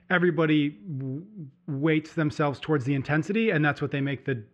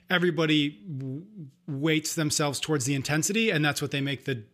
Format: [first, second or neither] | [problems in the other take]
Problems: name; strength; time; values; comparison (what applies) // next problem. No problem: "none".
second | muffled; very; fading above 1.5 kHz